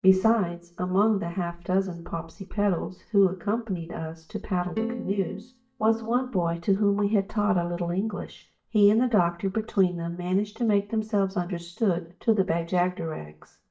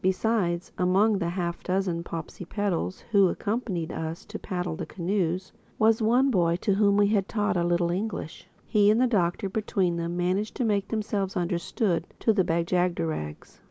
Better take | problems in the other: second | noise reduction (neural mask model DeepFilterNet 3)

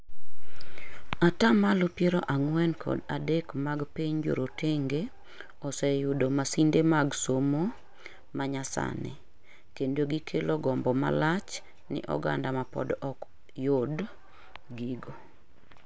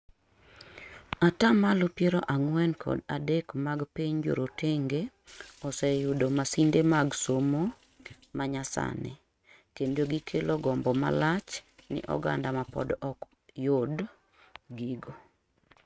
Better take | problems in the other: first | noise reduction (neural mask model RNNoise)

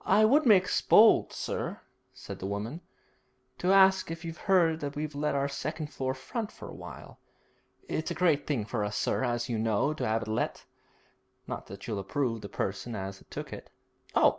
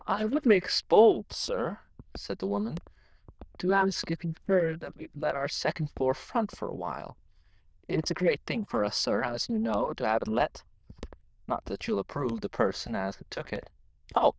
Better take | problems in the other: first | noise reduction (neural diffusion model UNIVERSE++)

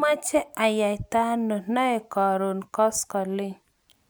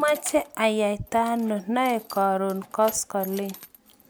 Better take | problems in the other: first | background sound (Keys jangling); 19 dB below the speech

